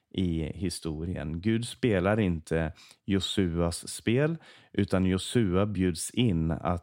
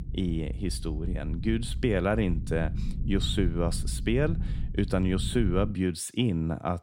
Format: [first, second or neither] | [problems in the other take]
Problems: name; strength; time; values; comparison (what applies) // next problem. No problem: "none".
first | low rumble; noticeable; until 5.5 s; 15 dB below the speech